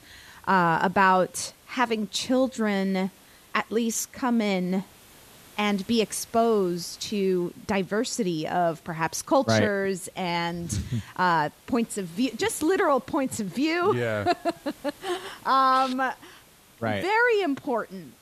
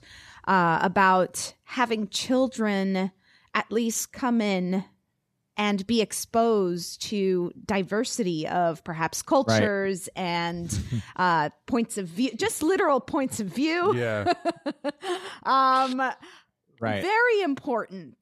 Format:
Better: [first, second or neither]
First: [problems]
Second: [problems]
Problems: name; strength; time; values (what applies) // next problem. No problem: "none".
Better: second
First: hiss; faint; throughout; 25 dB below the speech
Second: none